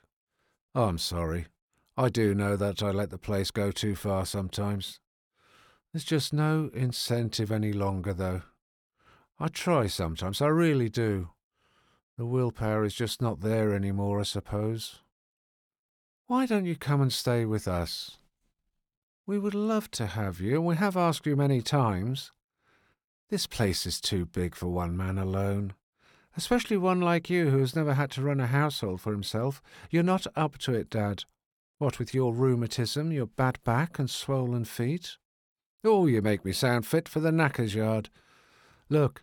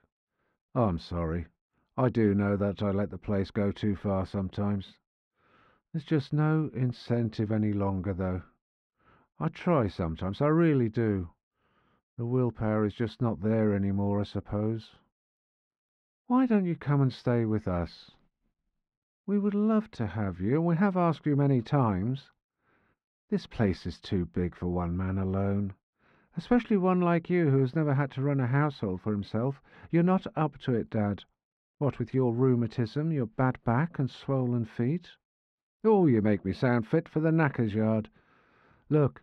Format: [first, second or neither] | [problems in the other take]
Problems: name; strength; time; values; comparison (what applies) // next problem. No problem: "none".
first | muffled; slightly; fading above 2 kHz